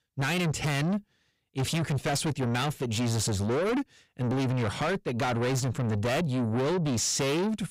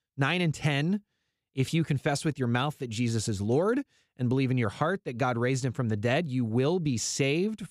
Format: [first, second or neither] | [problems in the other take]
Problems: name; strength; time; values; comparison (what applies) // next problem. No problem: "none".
second | distortion; heavy; 6 dB below the speech